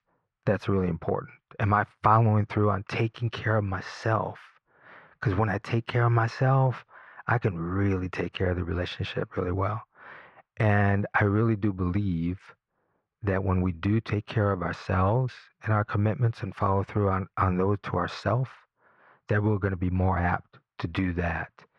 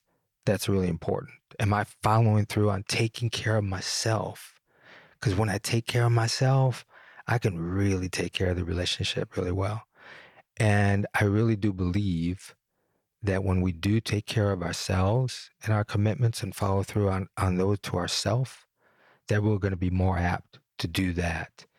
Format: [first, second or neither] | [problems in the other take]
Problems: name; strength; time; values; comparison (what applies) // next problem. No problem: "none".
second | muffled; very; fading above 2 kHz